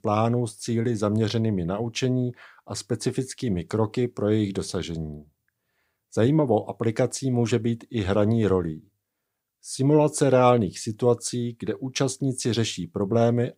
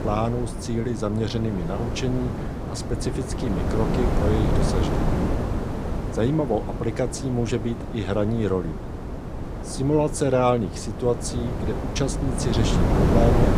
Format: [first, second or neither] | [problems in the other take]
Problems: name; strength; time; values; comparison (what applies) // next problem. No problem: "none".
first | wind noise on the microphone; heavy; 4 dB below the speech